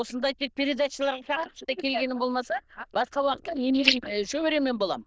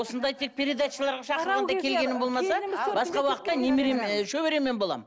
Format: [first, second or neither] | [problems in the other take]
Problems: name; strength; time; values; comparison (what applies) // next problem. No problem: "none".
second | noise reduction (neural diffusion model UNIVERSE++)